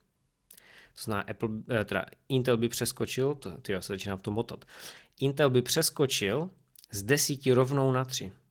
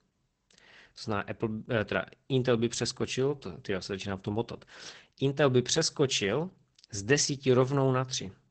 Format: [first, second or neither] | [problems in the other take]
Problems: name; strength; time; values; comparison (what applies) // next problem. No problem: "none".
first | garbled, watery; badly; nothing above 8 kHz; slightly in the first